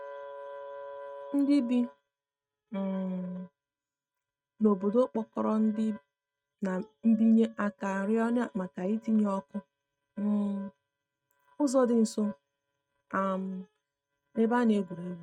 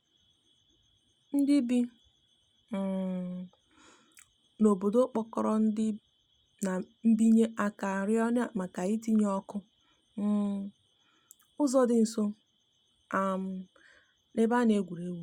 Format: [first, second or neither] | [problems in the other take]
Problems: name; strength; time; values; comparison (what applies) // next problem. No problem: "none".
second | noise reduction (neural mask model RNNoise)